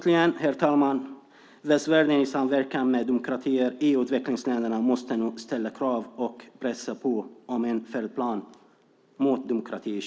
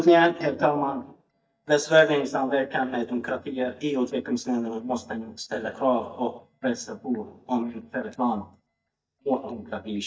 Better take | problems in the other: first | noise reduction (neural mask model DeepFilterNet 3)

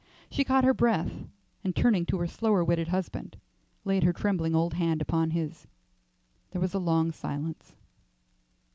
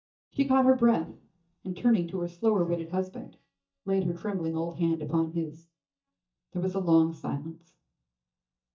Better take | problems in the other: first | noise reduction (neural mask model DeepFilterNet 3)

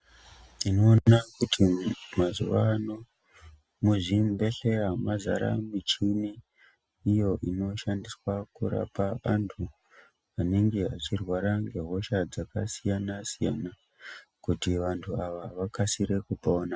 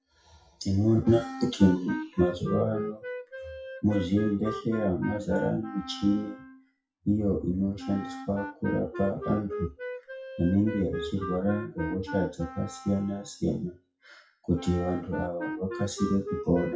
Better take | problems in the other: first | noise reduction (classical method WPE with log-MMSE)

